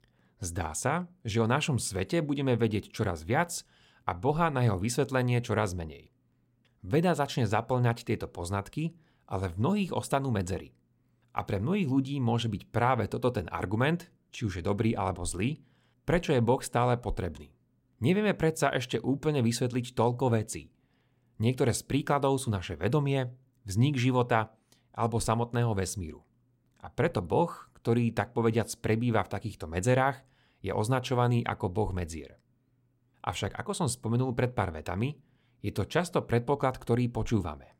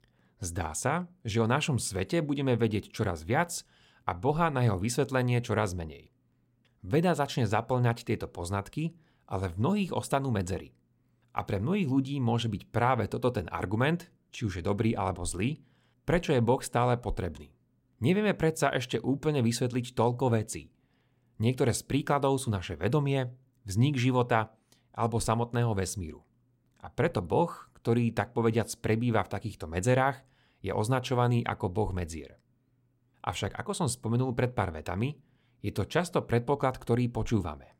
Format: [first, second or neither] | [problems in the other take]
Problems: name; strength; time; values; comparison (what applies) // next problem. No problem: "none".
neither | none